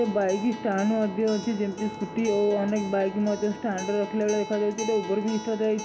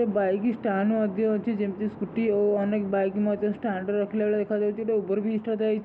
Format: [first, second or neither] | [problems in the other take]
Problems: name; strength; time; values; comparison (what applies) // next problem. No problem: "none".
second | background sound (Acoustic guitar); 13 dB below the speech